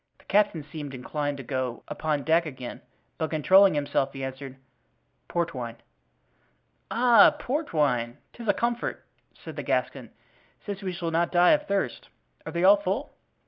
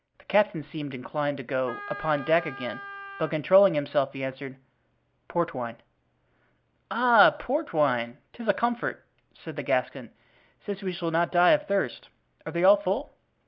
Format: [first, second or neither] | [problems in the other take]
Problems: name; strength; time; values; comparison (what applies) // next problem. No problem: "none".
first | background sound (Wind instrument, woodwind instrument); 13 dB below the speech